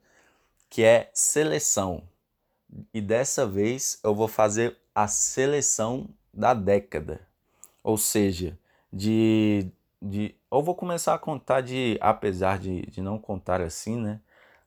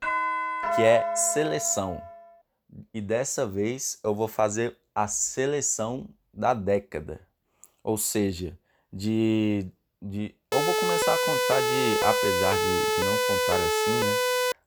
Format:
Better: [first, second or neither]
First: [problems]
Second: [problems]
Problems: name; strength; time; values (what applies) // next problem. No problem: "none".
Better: first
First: none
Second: doorbell; loud; until 2 s; peak 2 dB above the speech // siren; loud; from 11 s on; peak 4 dB above the speech